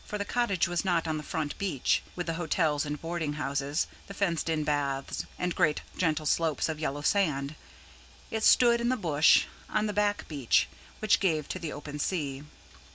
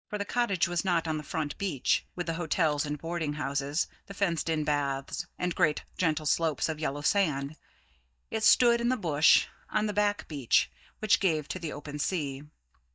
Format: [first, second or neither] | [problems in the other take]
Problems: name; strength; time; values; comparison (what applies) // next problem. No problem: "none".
first | noise reduction (neural mask model DeepFilterNet 3)